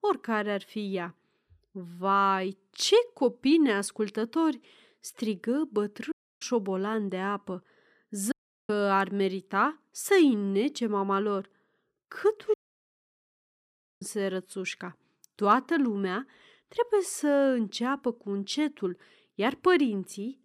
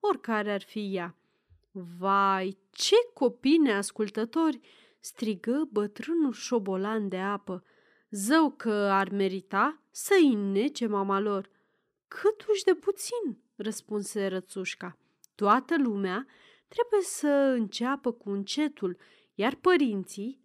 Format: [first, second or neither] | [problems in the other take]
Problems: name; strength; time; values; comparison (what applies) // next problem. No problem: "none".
second | audio cutting out; at 6 s, at 8.5 s and at 13 s for 1.5 s